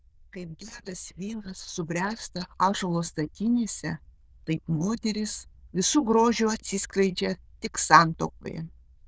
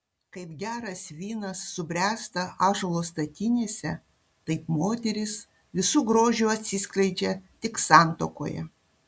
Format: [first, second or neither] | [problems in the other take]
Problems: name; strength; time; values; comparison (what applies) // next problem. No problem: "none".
second | noise reduction (neural diffusion model UNIVERSE++)